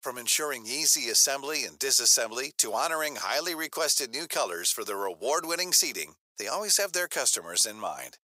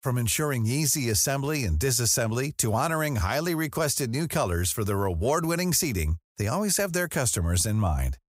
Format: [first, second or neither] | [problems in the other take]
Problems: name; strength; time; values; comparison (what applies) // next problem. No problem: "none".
second | thin; very; fading below 400 Hz